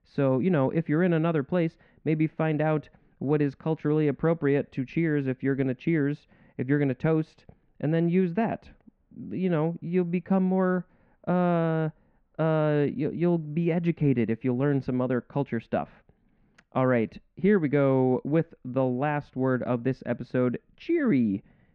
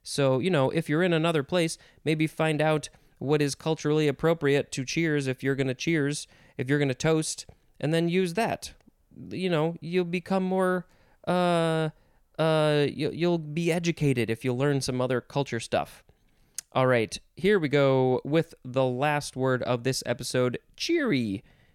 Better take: second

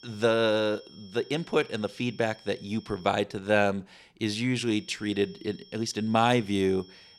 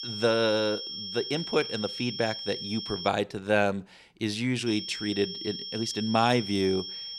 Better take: first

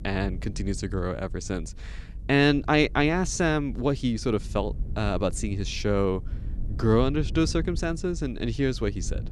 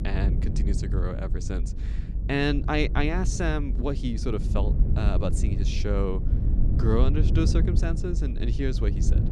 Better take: first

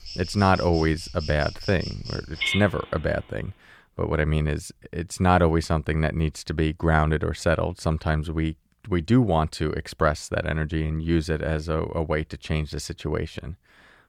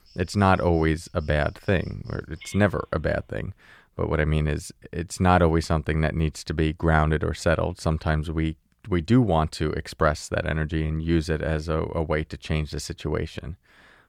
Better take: second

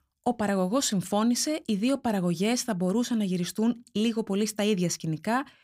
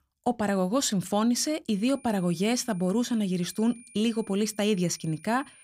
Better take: first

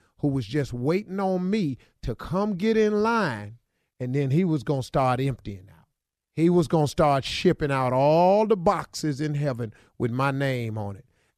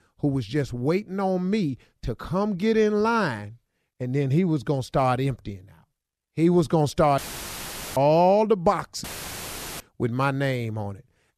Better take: first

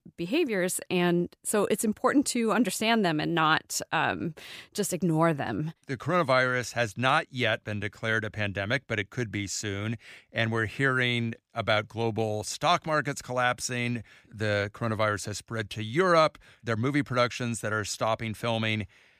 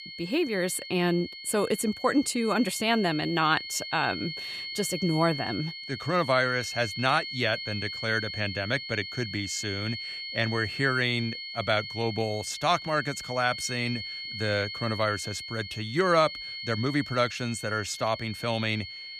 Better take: first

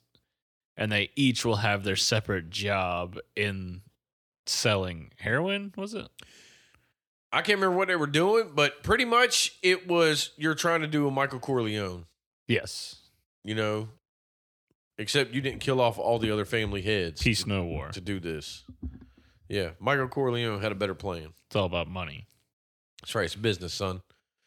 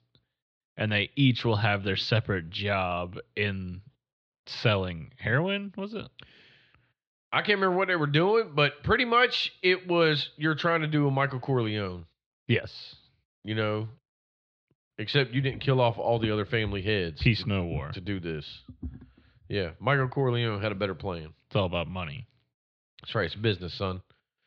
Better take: first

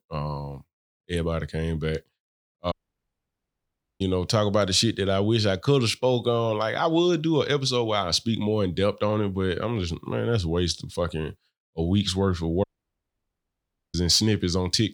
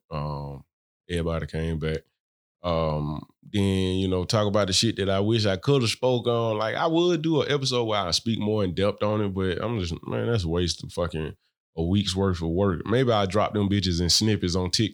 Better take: second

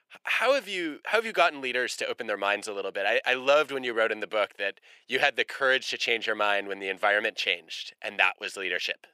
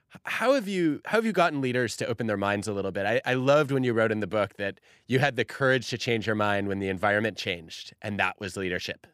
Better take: second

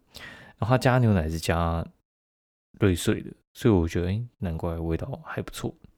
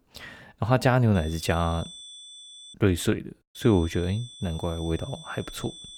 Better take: first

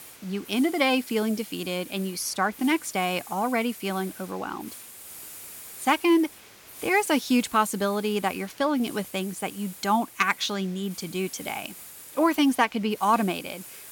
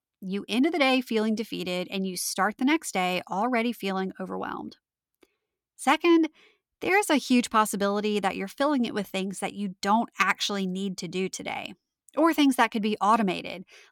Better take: second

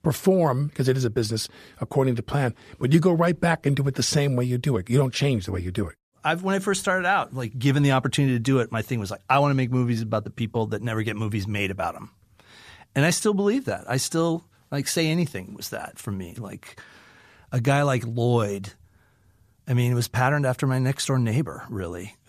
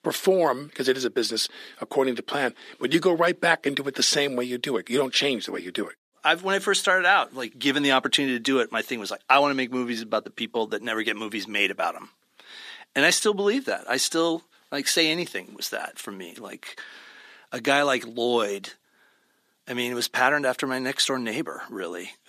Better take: first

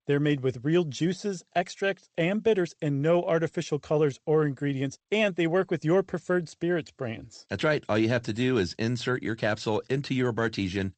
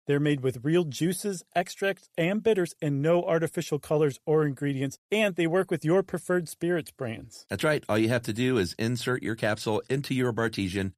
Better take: second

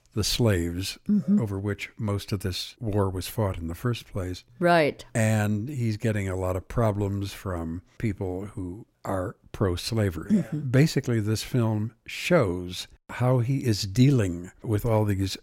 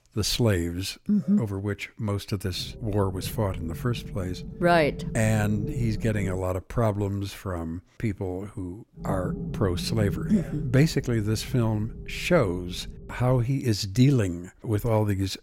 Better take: first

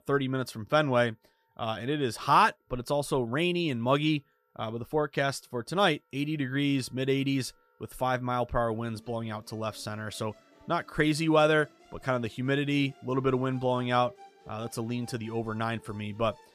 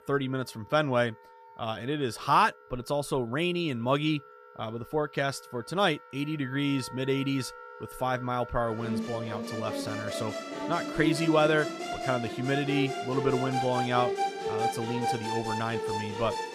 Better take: first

